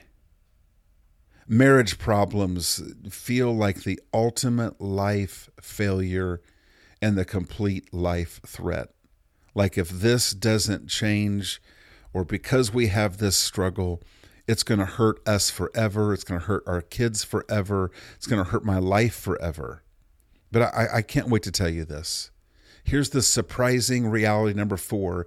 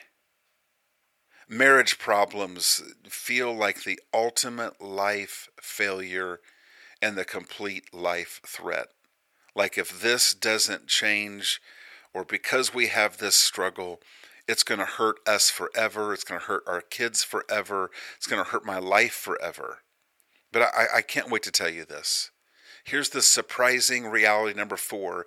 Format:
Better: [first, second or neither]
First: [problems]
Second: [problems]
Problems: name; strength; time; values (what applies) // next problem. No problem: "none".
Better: first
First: none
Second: thin; very; fading below 600 Hz